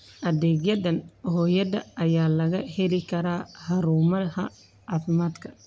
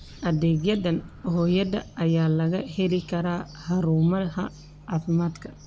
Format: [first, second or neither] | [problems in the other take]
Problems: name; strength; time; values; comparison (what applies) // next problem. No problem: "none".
first | background sound (Microwave oven); 19 dB below the speech